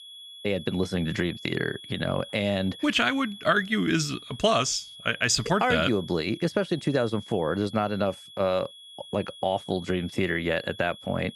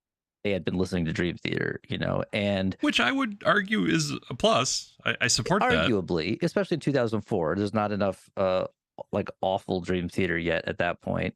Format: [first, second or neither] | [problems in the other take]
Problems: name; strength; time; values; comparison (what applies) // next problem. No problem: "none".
second | high-pitched whine; noticeable; throughout; 3.5 kHz, 15 dB below the speech